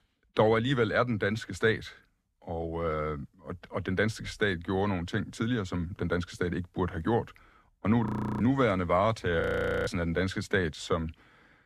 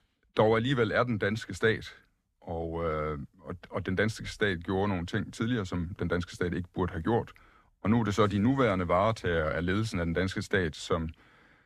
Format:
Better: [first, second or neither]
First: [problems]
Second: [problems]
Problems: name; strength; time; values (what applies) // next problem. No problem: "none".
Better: second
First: audio freezing; at 8 s and at 9.5 s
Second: none